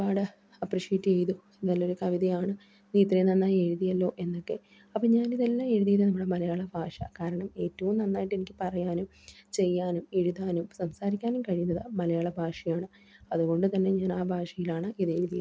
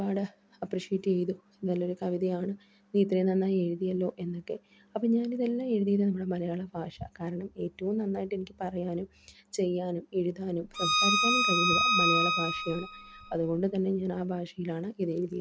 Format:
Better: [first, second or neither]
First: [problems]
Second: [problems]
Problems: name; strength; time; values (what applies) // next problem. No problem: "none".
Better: first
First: none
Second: background sound (Bowed string instrument); 3 dB above the speech